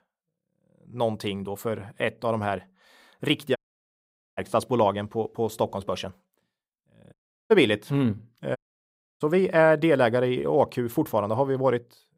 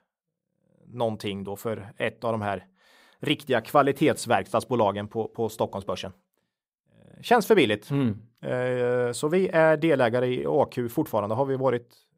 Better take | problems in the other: second | audio cutting out; at 3.5 s for 1 s, at 7 s and at 8.5 s for 0.5 s

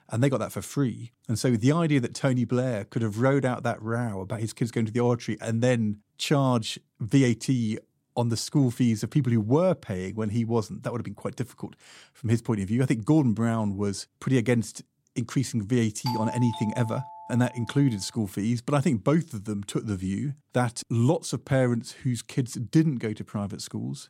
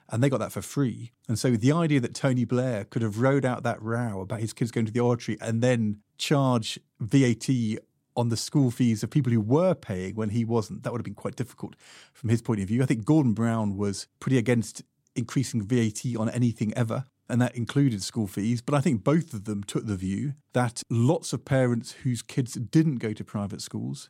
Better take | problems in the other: second | doorbell; noticeable; from 16 to 18 s; peak 6 dB below the speech

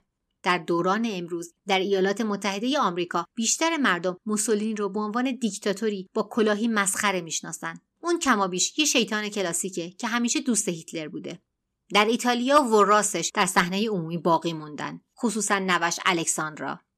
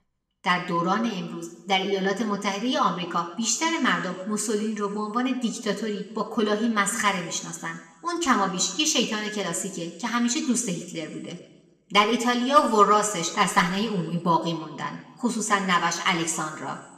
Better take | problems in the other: first | room echo; slight; dies away in 1 s

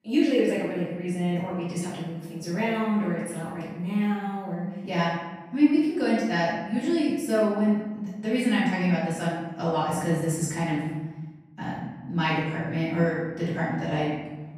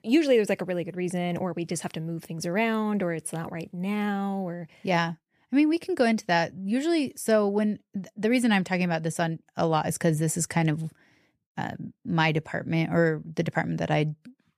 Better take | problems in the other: second | off-mic speech; far // room echo; strong; dies away in 1.2 s

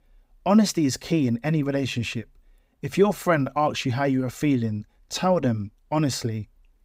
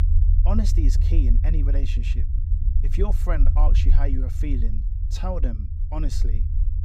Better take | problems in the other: first | low rumble; loud; throughout; 8 dB below the speech

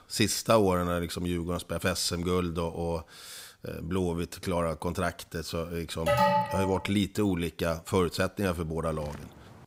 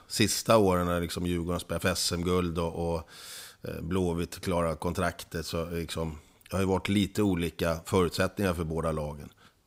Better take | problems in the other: second | alarm; loud; at 6 s; peak 6 dB above the speech // footsteps; faint; at 9 s; peak 15 dB below the speech

